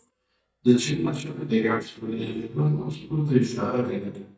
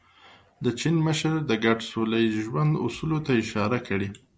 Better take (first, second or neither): second